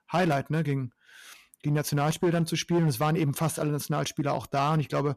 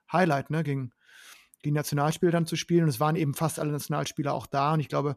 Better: second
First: distortion; slight; 7% of the sound clipped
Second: none

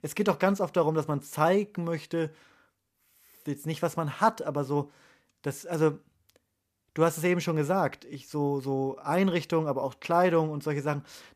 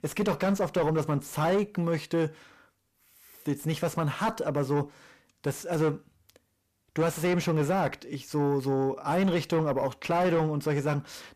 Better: first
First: none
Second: distortion; heavy; 8 dB below the speech

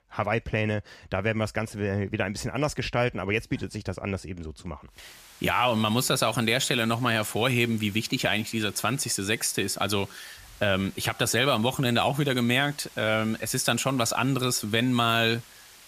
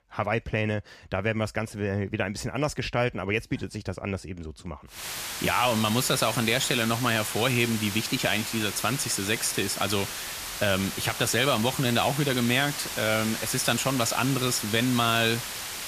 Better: first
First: hiss; faint; from 5 s on; 20 dB below the speech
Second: hiss; loud; from 5 s on; 6 dB below the speech

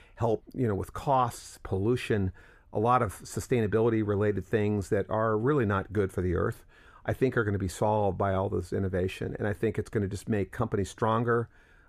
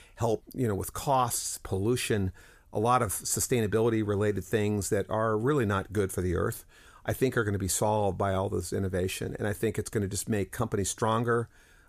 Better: second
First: muffled; slightly; fading above 4 kHz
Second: none

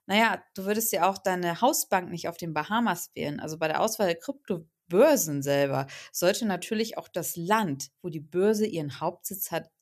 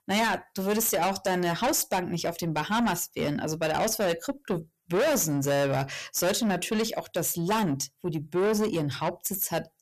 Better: first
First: none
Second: distortion; heavy; 6 dB below the speech

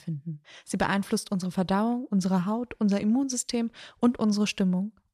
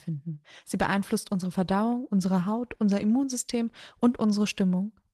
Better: first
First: none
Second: garbled, watery; slightly; nothing above 14 kHz

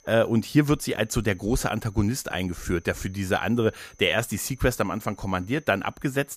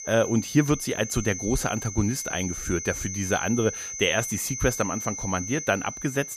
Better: first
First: high-pitched whine; faint; throughout; 6 kHz, 30 dB below the speech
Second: high-pitched whine; loud; throughout; 6 kHz, 6 dB below the speech

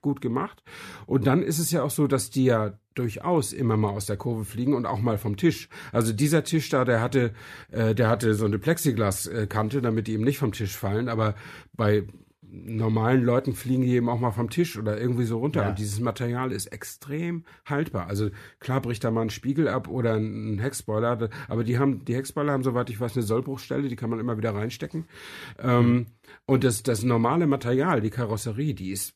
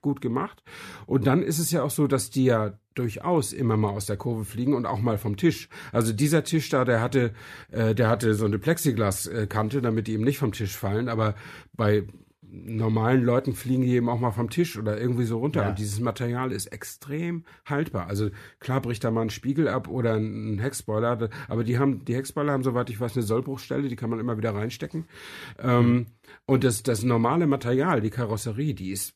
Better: neither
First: none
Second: none

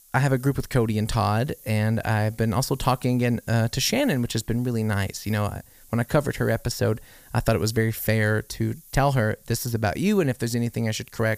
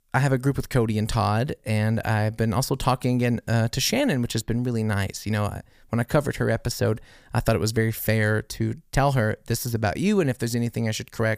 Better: second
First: hiss; faint; throughout; 25 dB below the speech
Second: none

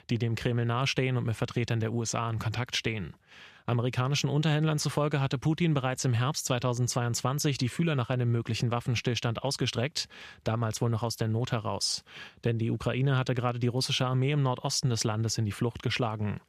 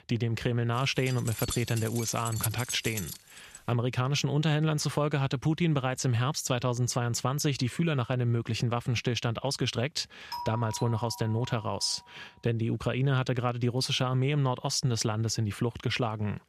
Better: first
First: none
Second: jangling keys; noticeable; from 1 to 3.5 s; peak 4 dB below the speech // doorbell; noticeable; from 10 to 12 s; peak 8 dB below the speech

